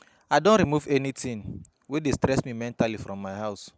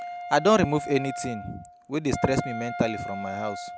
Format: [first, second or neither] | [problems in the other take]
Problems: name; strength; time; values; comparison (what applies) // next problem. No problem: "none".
first | background sound (Wind instrument, woodwind instrument); 9 dB below the speech